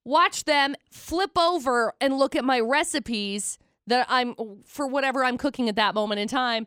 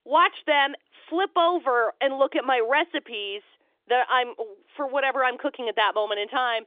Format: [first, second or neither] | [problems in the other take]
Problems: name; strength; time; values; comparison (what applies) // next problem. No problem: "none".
first | phone-call audio; nothing above 3.5 kHz